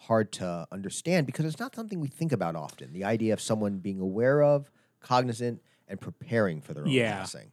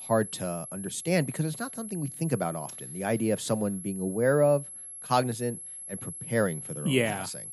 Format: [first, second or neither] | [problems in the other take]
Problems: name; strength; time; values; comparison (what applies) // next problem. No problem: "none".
first | high-pitched whine; noticeable; throughout; 11 kHz, 10 dB below the speech